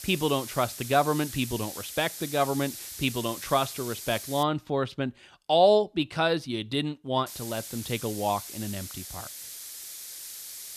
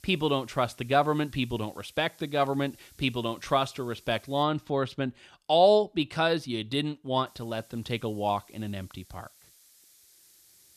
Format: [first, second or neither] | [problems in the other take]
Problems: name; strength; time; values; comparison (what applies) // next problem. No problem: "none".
second | hiss; loud; until 4.5 s and from 7.5 s on; 10 dB below the speech; faint in the second